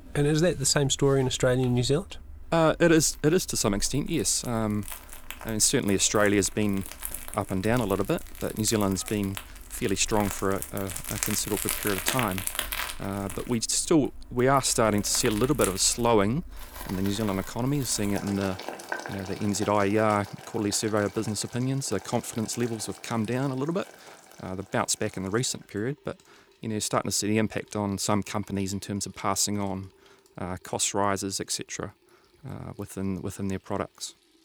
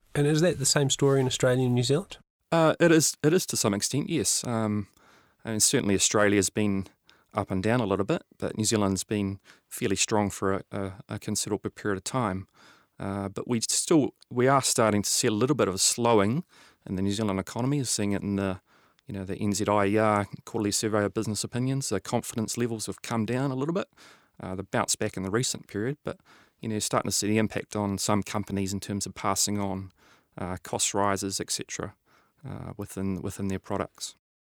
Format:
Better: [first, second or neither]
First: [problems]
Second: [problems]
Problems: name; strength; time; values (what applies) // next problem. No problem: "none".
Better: second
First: household noises; noticeable; throughout; 10 dB below the speech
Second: none